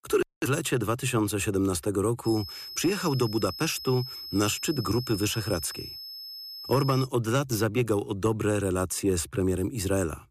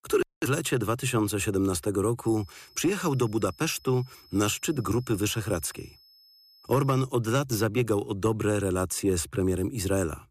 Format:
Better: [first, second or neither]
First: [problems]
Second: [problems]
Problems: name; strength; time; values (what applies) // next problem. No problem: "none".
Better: second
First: high-pitched whine; loud; from 2.5 to 7 s; 5 kHz, 10 dB below the speech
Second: high-pitched whine; faint; from 2.5 to 7 s; 5 kHz, 25 dB below the speech